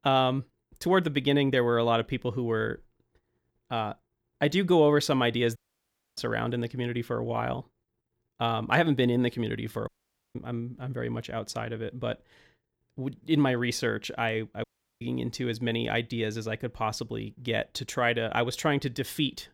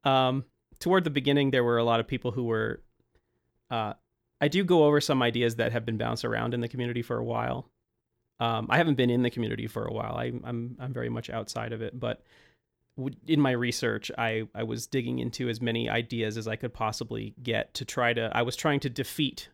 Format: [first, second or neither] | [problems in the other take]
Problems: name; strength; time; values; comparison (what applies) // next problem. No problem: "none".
second | audio cutting out; at 5.5 s for 0.5 s, at 10 s and at 15 s